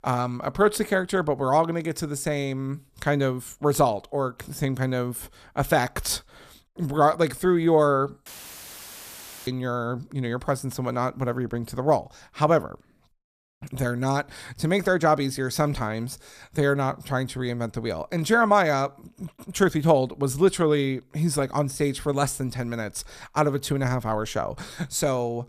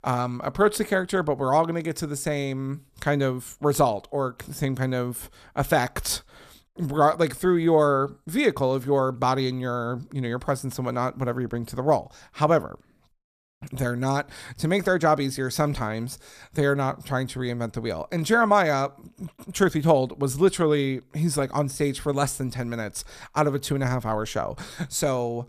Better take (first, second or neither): second